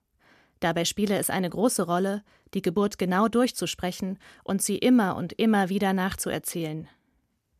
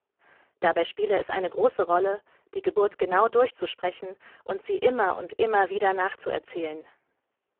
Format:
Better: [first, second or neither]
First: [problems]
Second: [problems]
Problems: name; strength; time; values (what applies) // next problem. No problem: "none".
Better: first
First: none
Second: phone-call audio; poor line